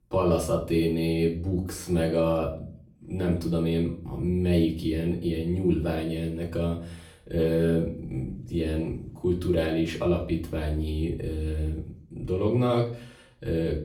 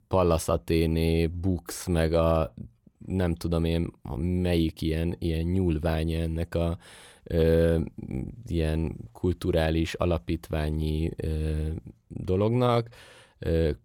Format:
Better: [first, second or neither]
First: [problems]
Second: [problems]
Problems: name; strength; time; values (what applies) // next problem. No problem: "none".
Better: second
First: off-mic speech; far // room echo; slight; dies away in 0.4 s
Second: none